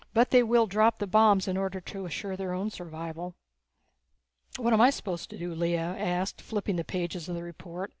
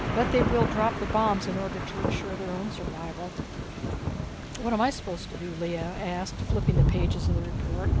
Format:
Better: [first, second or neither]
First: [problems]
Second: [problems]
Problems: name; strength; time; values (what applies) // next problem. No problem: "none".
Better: first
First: none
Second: background sound (Thunder / Rain); 2 dB above the speech